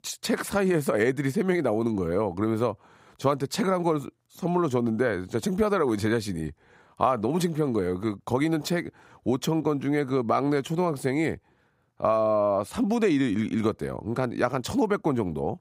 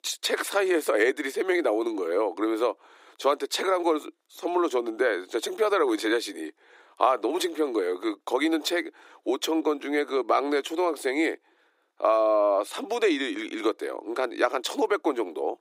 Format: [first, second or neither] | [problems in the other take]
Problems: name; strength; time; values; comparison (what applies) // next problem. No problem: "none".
first | thin; somewhat; fading below 300 Hz